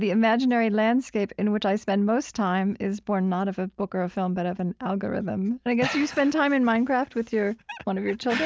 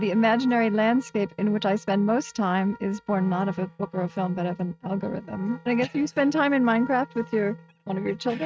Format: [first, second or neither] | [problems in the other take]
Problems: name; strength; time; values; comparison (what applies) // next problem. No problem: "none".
first | noise reduction (neural mask model RNNoise)